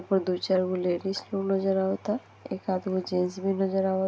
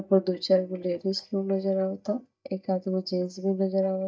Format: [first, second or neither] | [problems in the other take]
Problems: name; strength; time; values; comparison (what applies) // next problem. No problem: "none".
first | noise reduction (neural mask model DeepFilterNet 3)